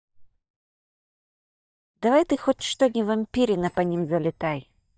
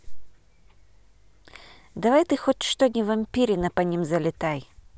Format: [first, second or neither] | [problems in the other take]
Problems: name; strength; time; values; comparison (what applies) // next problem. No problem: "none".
second | noise reduction (neural mask model DeepFilterNet 3)